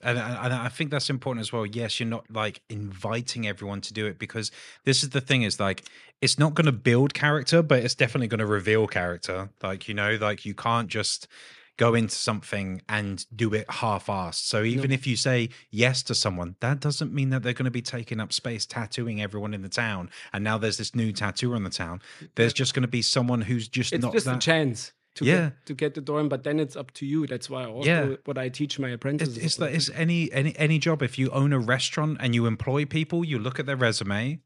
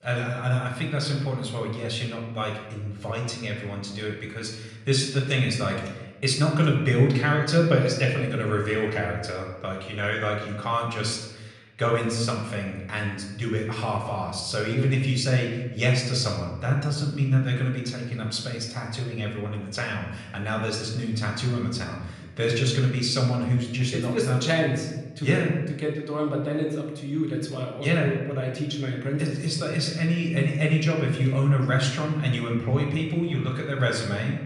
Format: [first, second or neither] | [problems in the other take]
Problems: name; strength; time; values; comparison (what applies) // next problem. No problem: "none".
first | off-mic speech; somewhat distant // room echo; noticeable; dies away in 1 s